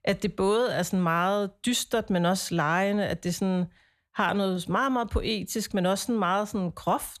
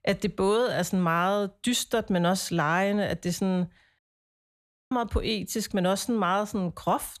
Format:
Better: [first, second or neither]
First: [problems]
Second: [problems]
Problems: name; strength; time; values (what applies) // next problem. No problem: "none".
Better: first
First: none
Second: audio cutting out; at 4 s for 1 s